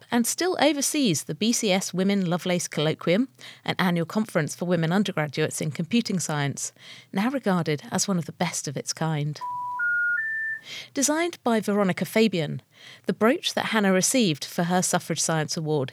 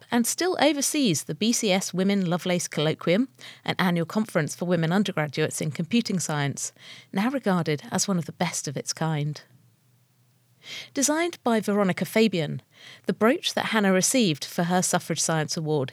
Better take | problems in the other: second | phone ringing; loud; from 9.5 to 11 s; peak 2 dB above the speech

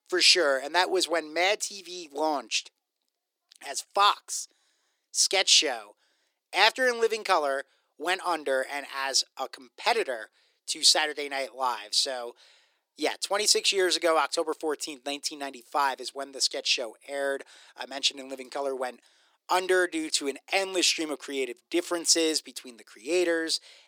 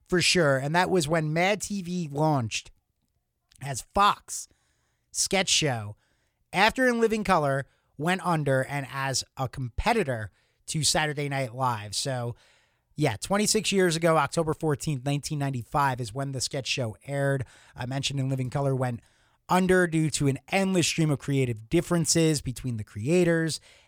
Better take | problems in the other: second | thin; very; fading below 300 Hz

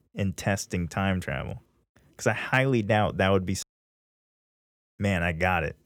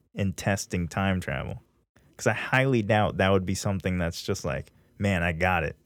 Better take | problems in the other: second | audio cutting out; at 3.5 s for 1.5 s

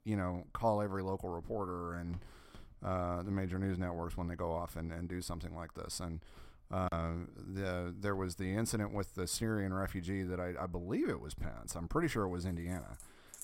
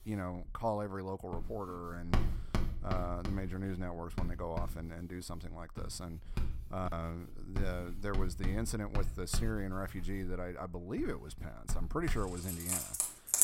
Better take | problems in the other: first | household noises; loud; throughout; as loud as the speech; faint in the first

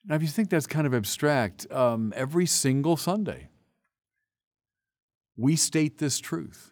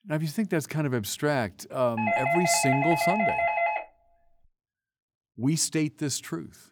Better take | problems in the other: first | doorbell; loud; from 2 to 4 s; peak 3 dB above the speech

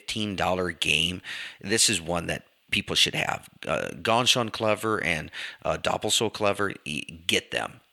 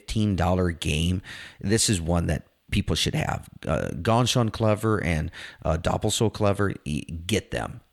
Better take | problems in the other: second | thin; somewhat; fading below 1 kHz

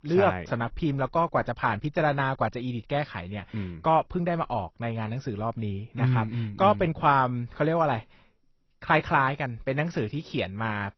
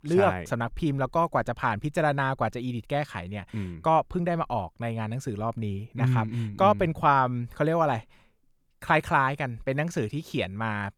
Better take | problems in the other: second | garbled, watery; slightly; nothing above 6 kHz

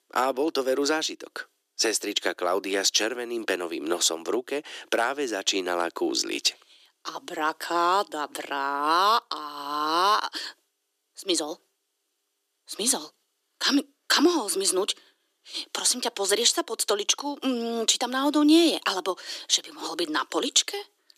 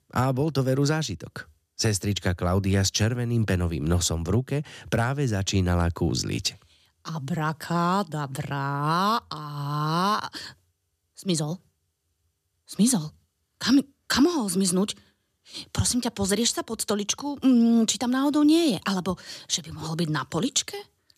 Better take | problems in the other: second | thin; somewhat; fading below 300 Hz

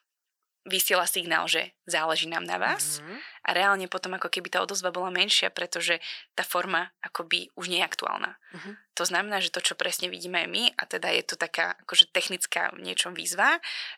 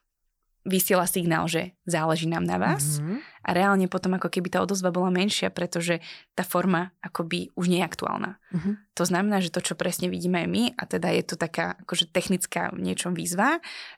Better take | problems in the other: second | thin; very; fading below 500 Hz

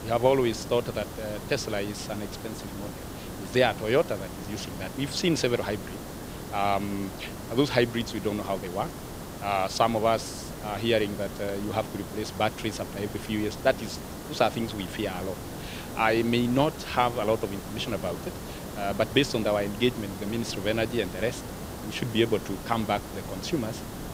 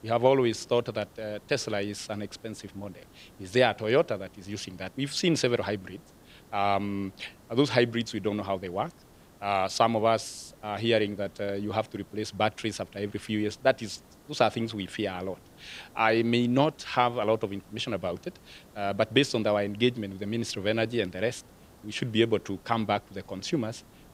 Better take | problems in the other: second | hiss; loud; throughout; 10 dB below the speech; faint in the second

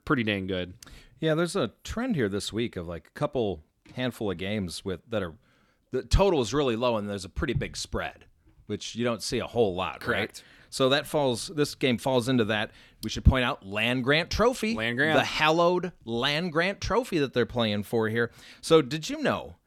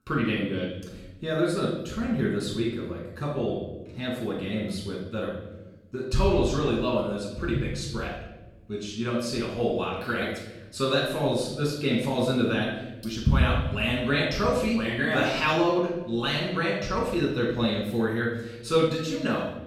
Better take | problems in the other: first | off-mic speech; far // room echo; noticeable; dies away in 1 s

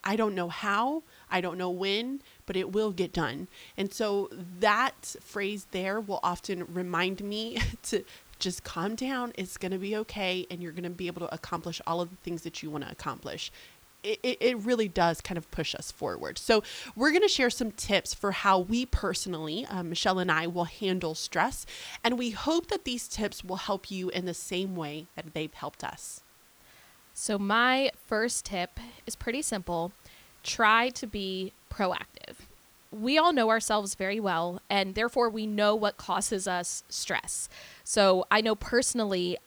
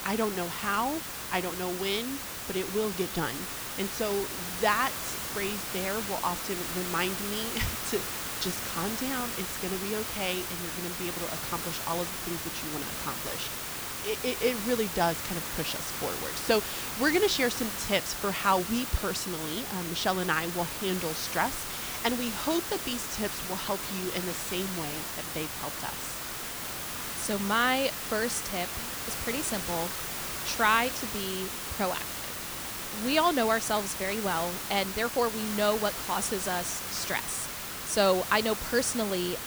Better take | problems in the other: first | hiss; loud; throughout; 3 dB below the speech; faint in the first

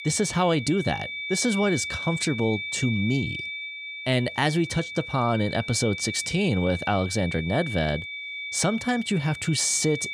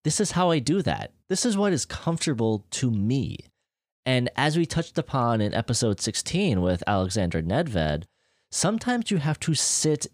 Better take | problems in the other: second | high-pitched whine; loud; throughout; 2.5 kHz, 7 dB below the speech

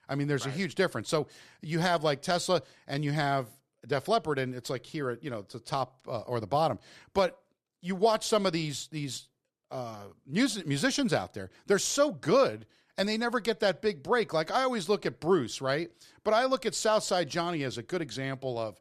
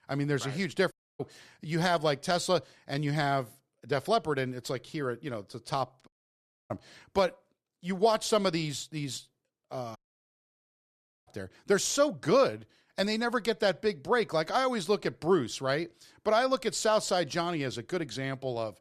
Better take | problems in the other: first | audio cutting out; at 1 s, at 6 s for 0.5 s and at 10 s for 1.5 s

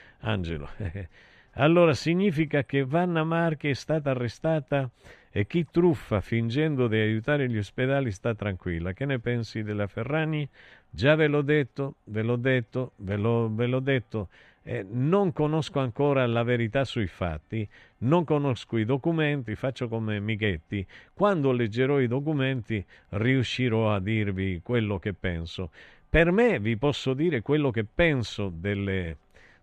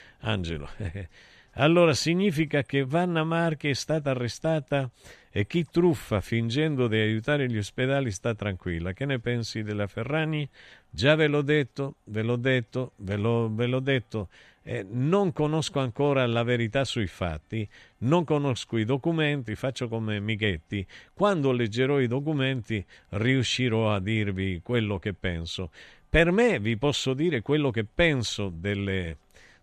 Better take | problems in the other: second | muffled; slightly; fading above 3.5 kHz

